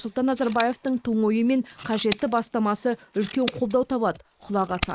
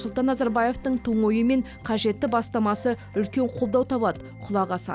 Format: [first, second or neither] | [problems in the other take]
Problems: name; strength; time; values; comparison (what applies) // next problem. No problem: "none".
second | noise reduction (neural mask model Resemble Enhance denoiser)